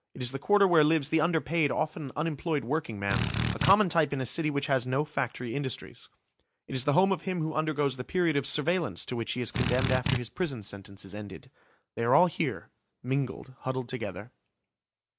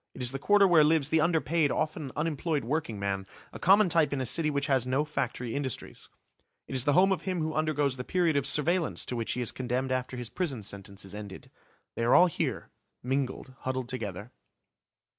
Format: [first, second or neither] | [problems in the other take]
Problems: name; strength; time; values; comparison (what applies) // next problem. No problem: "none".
second | background sound (Drill); 1 dB above the speech